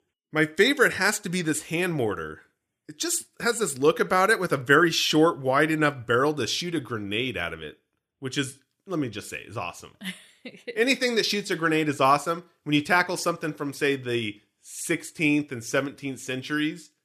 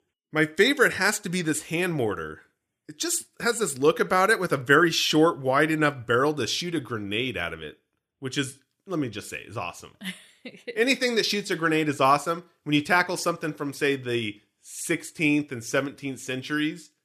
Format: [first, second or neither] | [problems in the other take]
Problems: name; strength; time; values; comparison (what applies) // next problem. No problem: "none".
neither | none